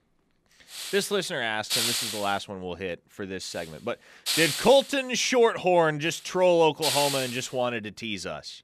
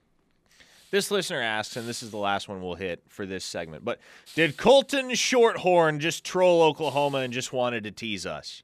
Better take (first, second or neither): second